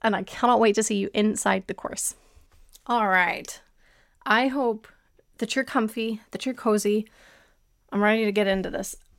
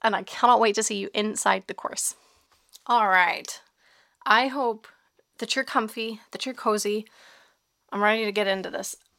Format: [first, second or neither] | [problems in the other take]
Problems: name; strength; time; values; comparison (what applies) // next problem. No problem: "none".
first | thin; somewhat; fading below 800 Hz